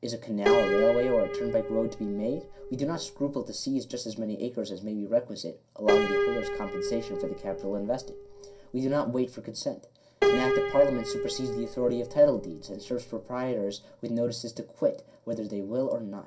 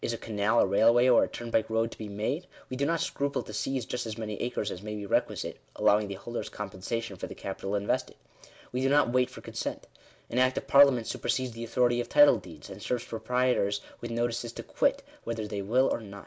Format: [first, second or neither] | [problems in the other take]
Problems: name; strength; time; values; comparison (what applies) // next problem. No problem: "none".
second | background sound (Piano); 2 dB below the speech // room echo; dies away in 0.3 s